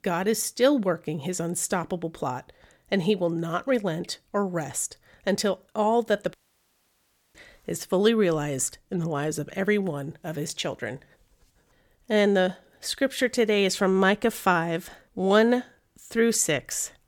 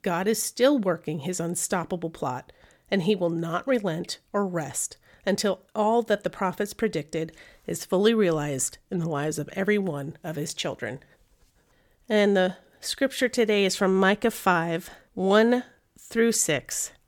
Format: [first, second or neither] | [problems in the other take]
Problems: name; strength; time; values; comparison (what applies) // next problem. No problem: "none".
second | audio cutting out; at 6.5 s for 1 s